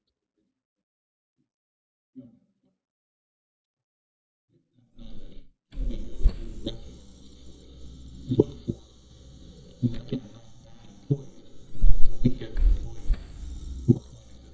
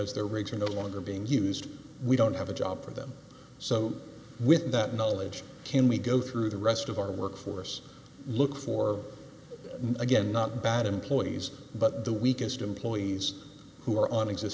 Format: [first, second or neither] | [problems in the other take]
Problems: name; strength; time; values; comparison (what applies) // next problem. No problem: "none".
second | noise reduction (neural mask model DeepFilterNet 3)